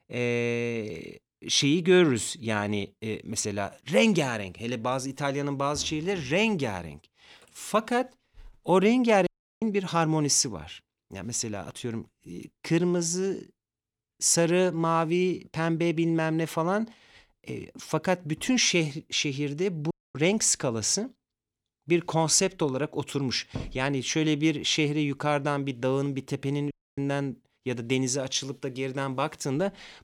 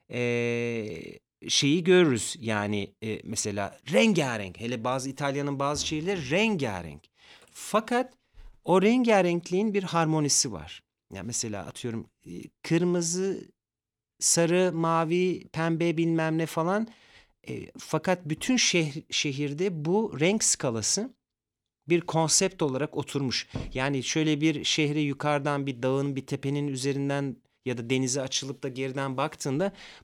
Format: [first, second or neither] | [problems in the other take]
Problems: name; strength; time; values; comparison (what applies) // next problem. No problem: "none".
second | audio cutting out; at 9.5 s, at 20 s and at 27 s